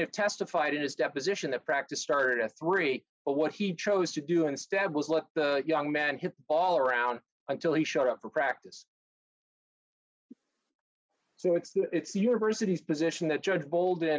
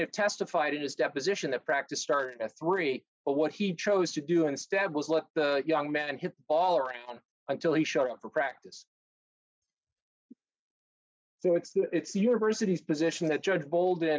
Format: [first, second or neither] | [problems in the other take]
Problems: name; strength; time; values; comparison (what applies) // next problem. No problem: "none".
first | noise reduction (neural mask model DeepFilterNet 3)